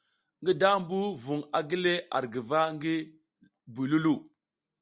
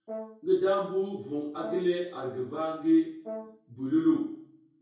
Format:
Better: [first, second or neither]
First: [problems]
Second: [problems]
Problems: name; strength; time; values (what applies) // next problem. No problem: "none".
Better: first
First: none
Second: background sound (Brass instrument); 16 dB below the speech // room echo; dies away in 0.6 s